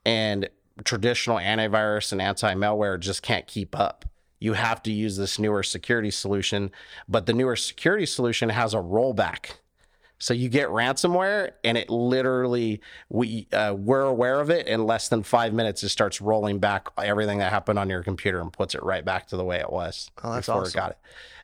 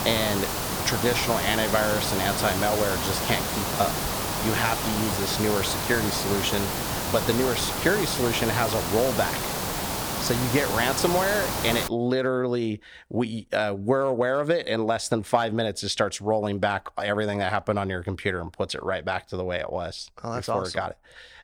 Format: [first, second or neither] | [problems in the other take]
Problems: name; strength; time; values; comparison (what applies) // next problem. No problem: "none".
first | hiss; loud; until 12 s; 1 dB below the speech